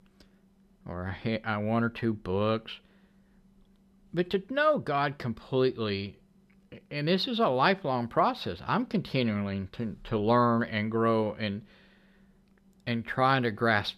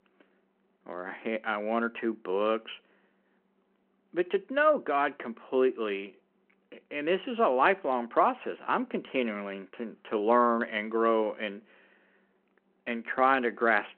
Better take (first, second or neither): first